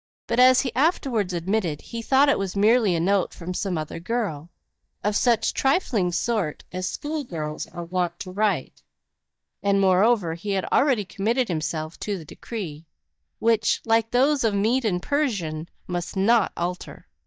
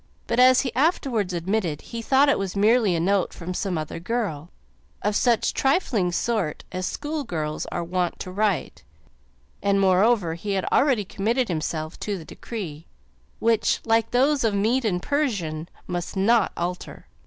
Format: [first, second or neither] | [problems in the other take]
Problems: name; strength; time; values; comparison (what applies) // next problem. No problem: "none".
second | noise reduction (neural mask model DeepFilterNet 3)